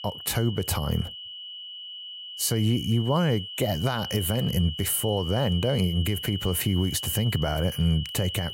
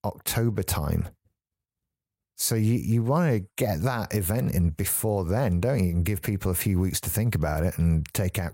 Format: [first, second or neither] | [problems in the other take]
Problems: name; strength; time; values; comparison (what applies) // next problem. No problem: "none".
second | high-pitched whine; loud; throughout; 3 kHz, 8 dB below the speech